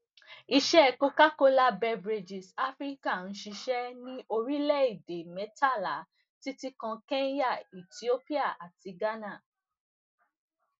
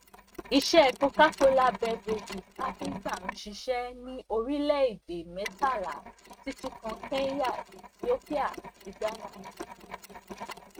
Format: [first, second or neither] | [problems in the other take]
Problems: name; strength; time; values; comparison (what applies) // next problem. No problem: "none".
first | noise reduction (neural mask model RNNoise)